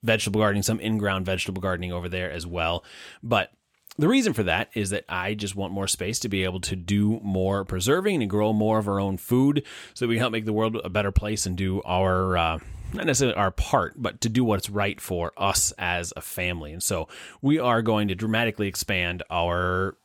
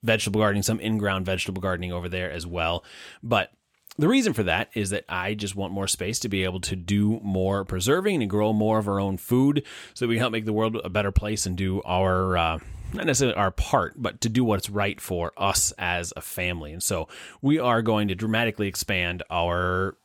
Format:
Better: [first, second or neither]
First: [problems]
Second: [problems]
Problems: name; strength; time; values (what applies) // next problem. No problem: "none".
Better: neither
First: none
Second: none